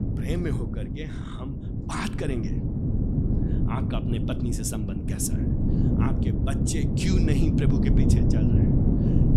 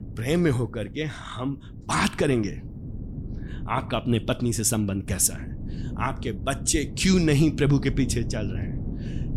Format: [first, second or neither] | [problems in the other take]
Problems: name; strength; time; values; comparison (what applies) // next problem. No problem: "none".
second | wind noise on the microphone; heavy; 1 dB above the speech; occasional gusts in the second